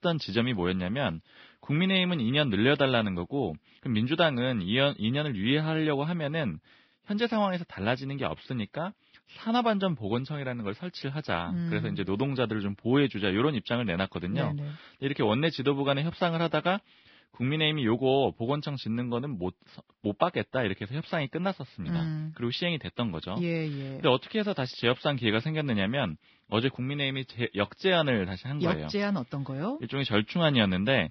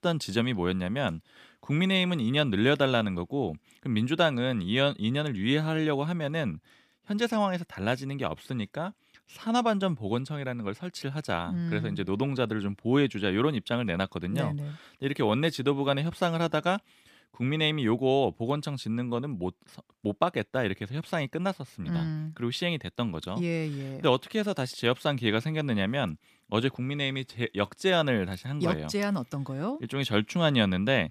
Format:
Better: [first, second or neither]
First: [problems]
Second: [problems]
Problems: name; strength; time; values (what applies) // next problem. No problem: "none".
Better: second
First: garbled, watery; badly; nothing above 5.5 kHz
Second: none